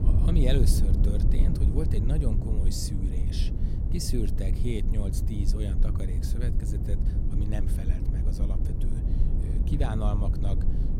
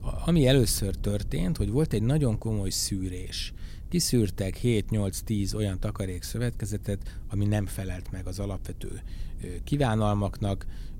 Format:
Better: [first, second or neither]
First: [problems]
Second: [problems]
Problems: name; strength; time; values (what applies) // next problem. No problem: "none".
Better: second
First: low rumble; loud; throughout; 3 dB below the speech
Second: low rumble; faint; throughout; 25 dB below the speech